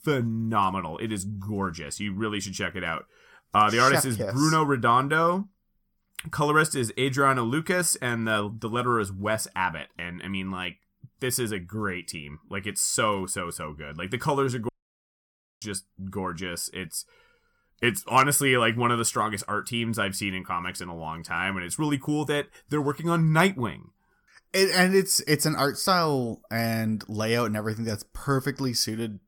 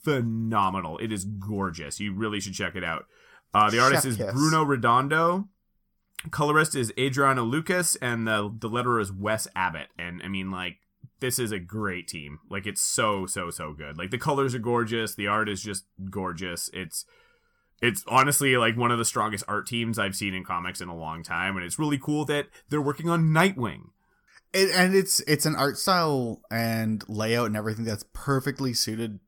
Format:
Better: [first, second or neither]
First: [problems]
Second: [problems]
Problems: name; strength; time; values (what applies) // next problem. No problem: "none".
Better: second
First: audio cutting out; at 15 s for 1 s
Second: none